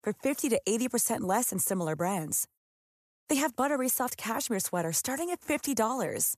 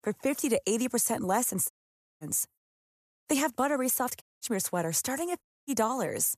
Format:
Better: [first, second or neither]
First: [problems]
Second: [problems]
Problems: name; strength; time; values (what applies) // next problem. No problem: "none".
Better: first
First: none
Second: audio cutting out; at 1.5 s for 0.5 s, at 4 s and at 5.5 s